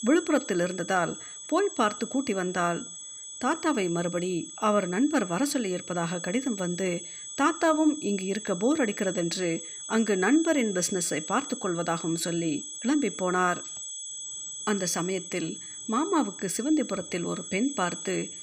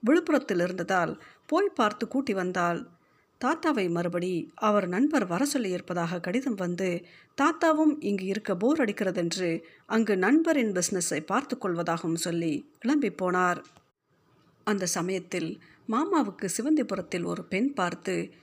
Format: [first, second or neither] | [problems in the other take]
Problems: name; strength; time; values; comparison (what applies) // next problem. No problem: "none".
second | high-pitched whine; loud; throughout; 8 kHz, 9 dB below the speech